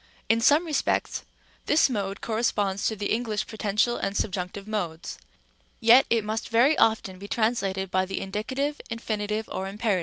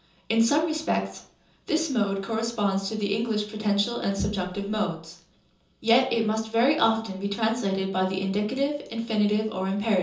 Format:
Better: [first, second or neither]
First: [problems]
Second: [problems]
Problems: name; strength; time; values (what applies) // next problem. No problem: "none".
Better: first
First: none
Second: room echo; dies away in 0.6 s